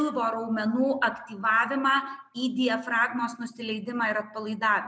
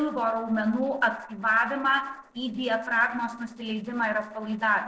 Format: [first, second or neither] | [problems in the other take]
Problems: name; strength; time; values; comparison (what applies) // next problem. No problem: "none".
first | noise reduction (neural separator model SepFormer DNS4)